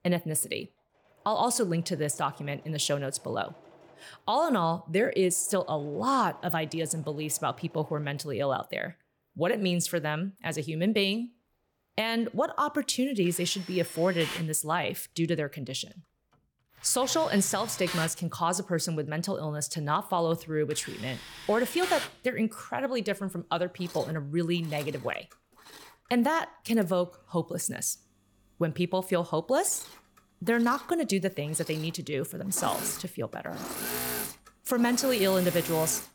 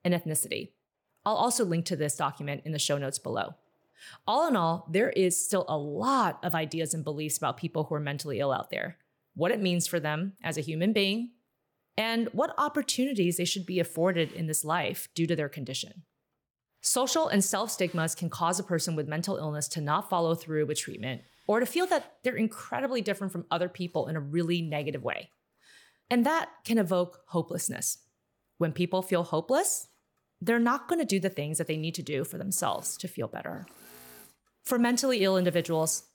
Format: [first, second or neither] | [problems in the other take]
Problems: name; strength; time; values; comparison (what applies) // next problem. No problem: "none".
second | machinery noise; loud; throughout; 9 dB below the speech; faint in the second